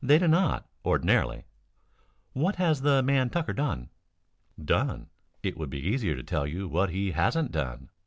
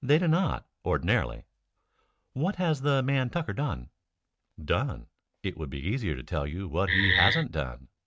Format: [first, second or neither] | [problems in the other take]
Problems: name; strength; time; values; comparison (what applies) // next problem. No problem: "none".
first | noise reduction (neural mask model RNNoise)